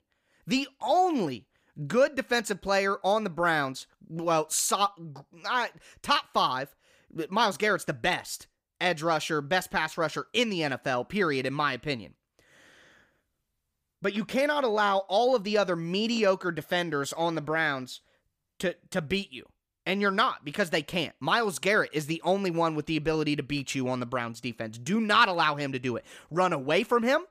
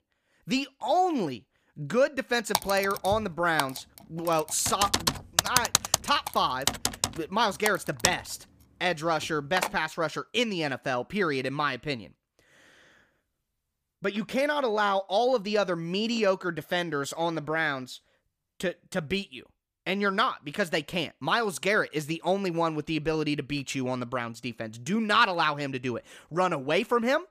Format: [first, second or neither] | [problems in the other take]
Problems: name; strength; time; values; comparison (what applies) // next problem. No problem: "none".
first | keyboard typing; loud; from 2.5 to 9.5 s; peak 4 dB above the speech